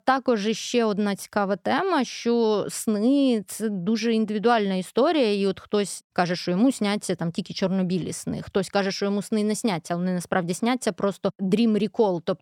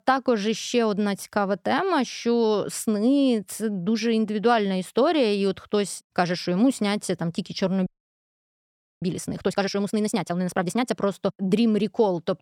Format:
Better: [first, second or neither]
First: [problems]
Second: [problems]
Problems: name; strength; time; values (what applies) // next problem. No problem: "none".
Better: first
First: none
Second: audio freezing; at 8 s for 1 s